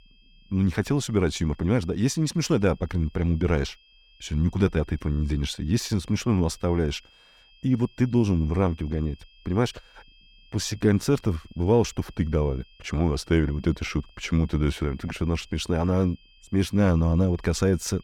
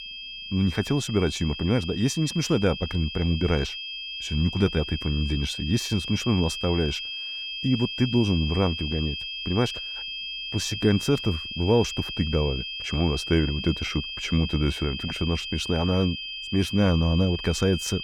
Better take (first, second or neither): first